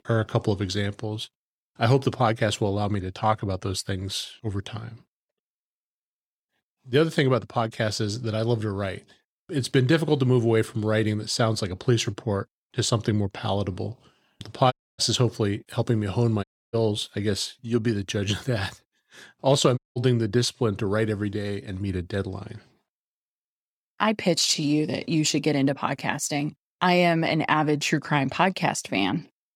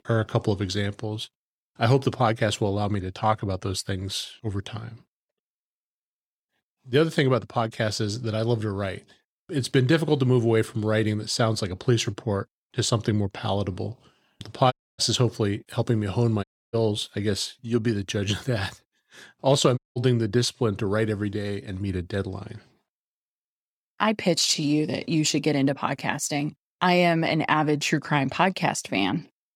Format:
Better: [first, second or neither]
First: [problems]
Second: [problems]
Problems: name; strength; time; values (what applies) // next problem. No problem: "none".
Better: neither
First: audio cutting out; at 15 s, at 16 s and at 20 s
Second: audio cutting out; at 15 s, at 16 s and at 20 s